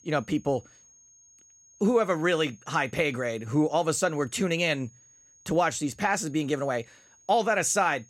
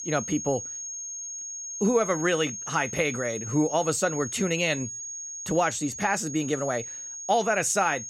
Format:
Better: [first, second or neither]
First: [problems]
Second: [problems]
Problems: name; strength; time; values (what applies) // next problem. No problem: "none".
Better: first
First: high-pitched whine; faint; throughout; 6.5 kHz, 30 dB below the speech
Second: high-pitched whine; loud; throughout; 6.5 kHz, 7 dB below the speech